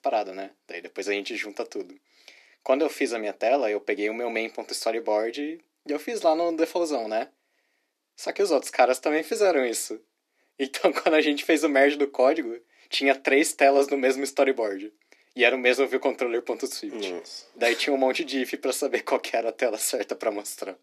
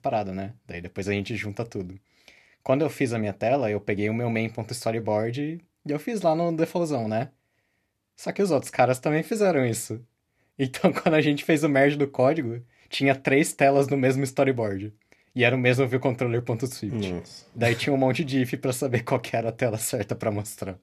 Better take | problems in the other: second | thin; somewhat; fading below 300 Hz

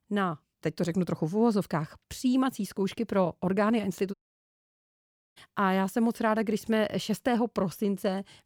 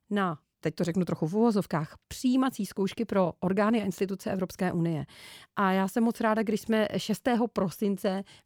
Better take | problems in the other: second | audio cutting out; at 4 s for 1 s

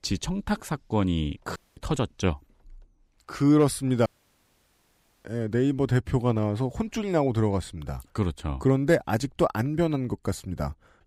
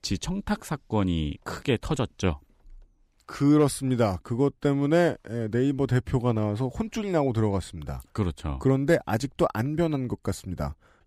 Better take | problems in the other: second | audio cutting out; at 1.5 s and at 4 s for 1 s

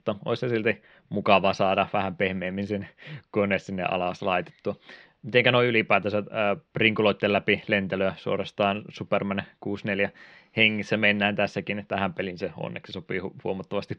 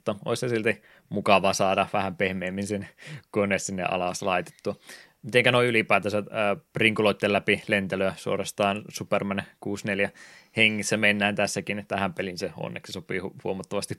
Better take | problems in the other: second | muffled; slightly; fading above 3.5 kHz

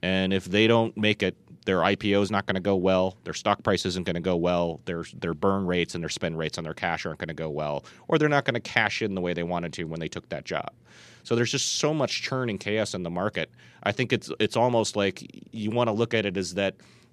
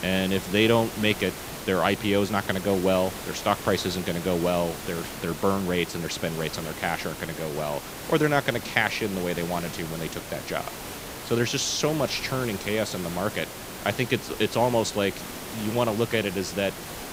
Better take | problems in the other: first | hiss; loud; throughout; 9 dB below the speech

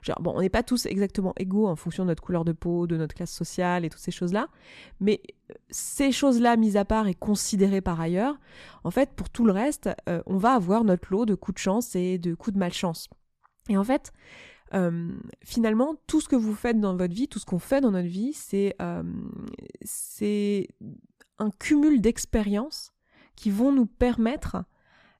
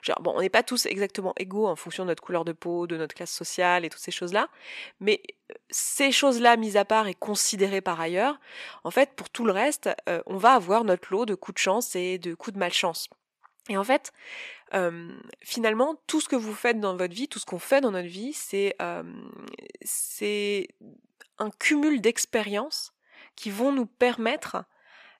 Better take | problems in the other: first | thin; somewhat; fading below 450 Hz

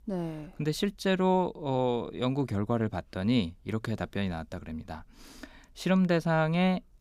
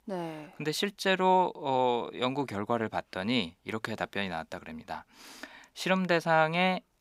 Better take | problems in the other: first | thin; somewhat; fading below 450 Hz

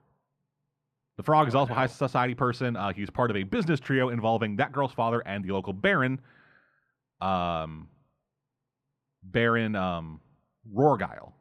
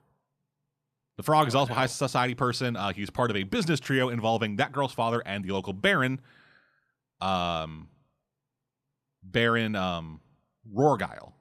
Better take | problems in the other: second | muffled; slightly; fading above 3.5 kHz

